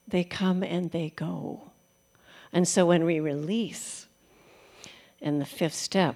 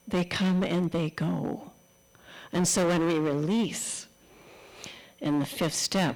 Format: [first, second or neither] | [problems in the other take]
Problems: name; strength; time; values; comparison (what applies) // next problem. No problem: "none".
first | distortion; heavy; 12% of the sound clipped